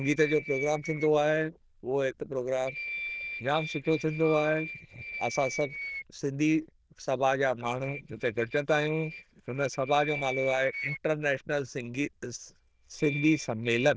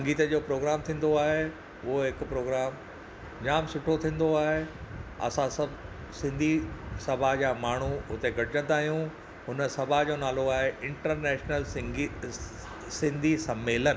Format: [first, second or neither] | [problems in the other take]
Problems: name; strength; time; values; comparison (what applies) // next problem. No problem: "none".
second | noise reduction (neural diffusion model UNIVERSE++)